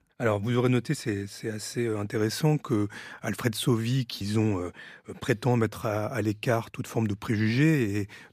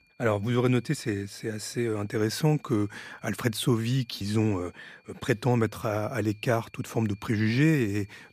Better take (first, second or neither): first